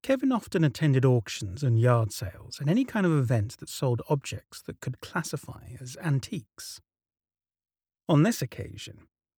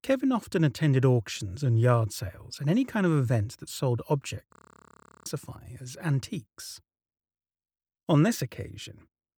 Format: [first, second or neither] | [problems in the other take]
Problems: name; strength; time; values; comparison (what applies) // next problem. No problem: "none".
first | audio freezing; at 4.5 s for 0.5 s